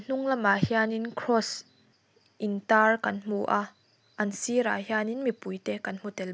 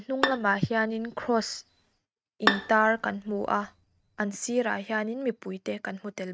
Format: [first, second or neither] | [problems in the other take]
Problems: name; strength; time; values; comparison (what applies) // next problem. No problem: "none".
first | noise reduction (neural mask model RNNoise)